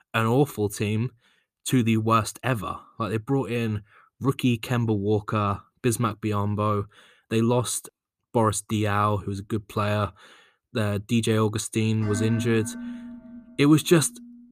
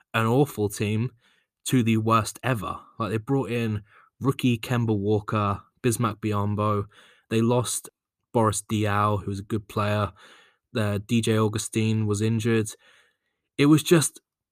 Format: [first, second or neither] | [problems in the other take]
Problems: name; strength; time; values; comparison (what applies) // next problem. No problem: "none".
second | clattering dishes; noticeable; from 12 s on; peak 7 dB below the speech